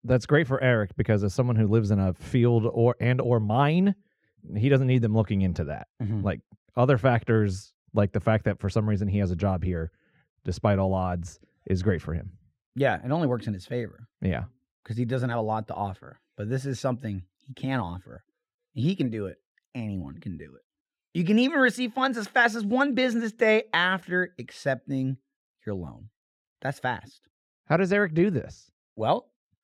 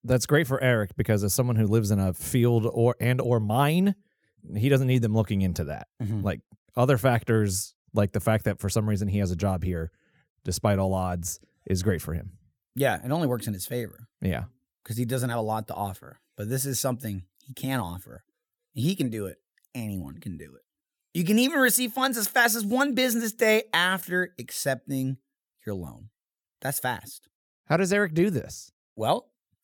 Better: second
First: muffled; slightly; fading above 3 kHz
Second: none

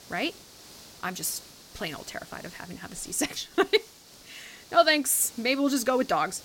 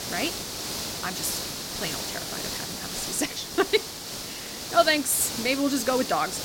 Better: first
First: hiss; faint; throughout; 20 dB below the speech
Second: hiss; loud; throughout; 6 dB below the speech

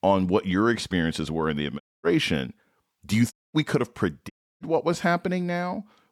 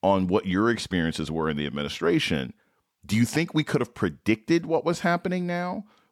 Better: second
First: audio cutting out; at 2 s, at 3.5 s and at 4.5 s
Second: none

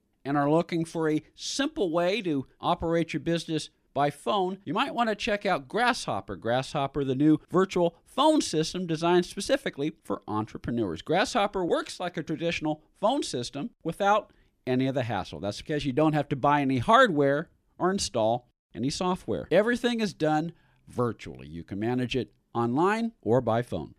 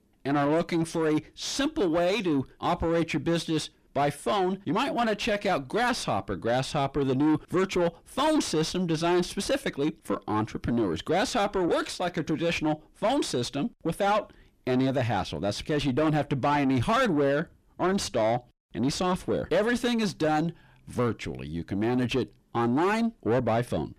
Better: first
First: none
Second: distortion; heavy; 8 dB below the speech

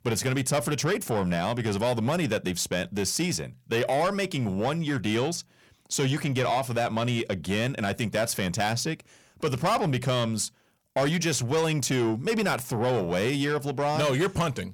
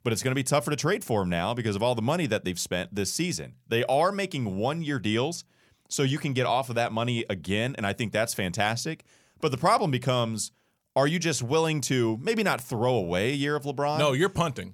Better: second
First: distortion; slight; 10 dB below the speech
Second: none

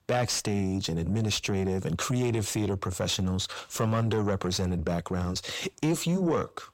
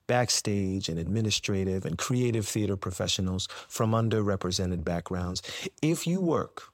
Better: second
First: distortion; slight; 10 dB below the speech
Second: none

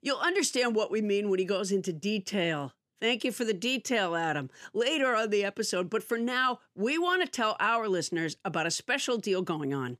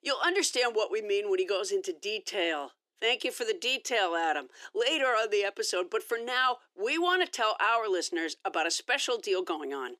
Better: first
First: none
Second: thin; very; fading below 350 Hz

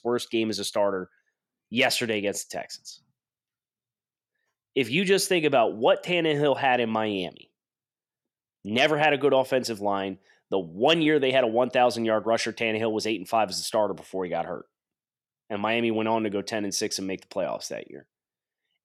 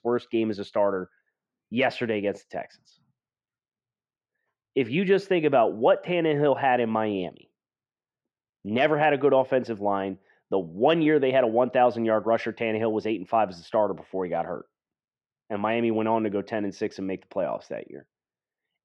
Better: first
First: none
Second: muffled; very; fading above 2 kHz

